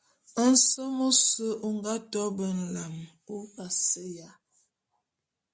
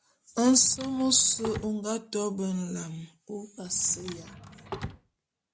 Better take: first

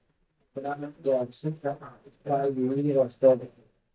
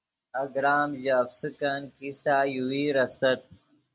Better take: second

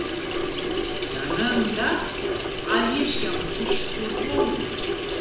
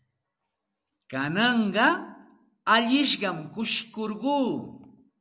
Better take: second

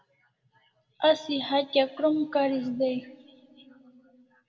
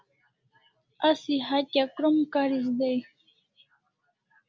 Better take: second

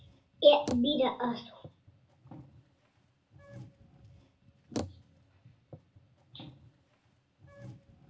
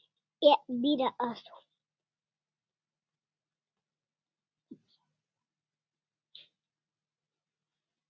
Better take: second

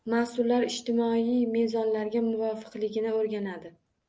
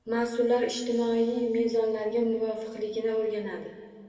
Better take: first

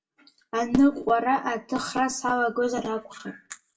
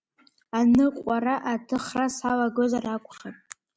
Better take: second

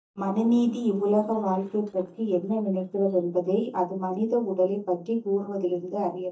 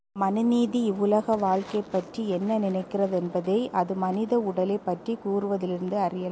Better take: second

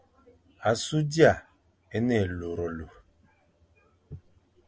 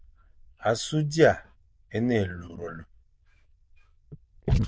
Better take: first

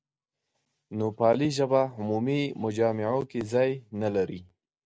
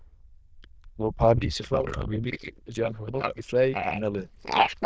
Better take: first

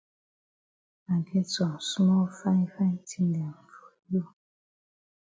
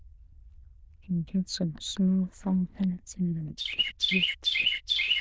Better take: first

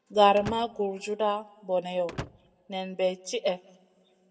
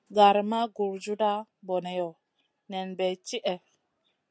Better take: second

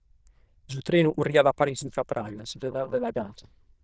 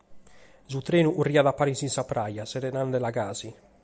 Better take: second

